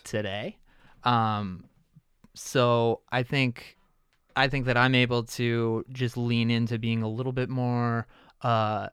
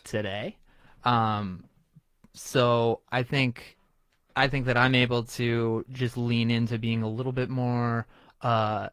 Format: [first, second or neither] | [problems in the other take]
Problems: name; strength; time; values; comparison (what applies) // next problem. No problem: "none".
first | garbled, watery; slightly; nothing above 15 kHz